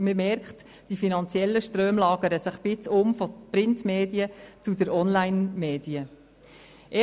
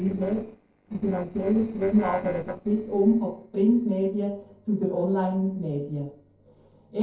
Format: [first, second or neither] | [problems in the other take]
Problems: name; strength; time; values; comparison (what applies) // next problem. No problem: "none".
first | noise reduction (neural separator model SepFormer DNS4)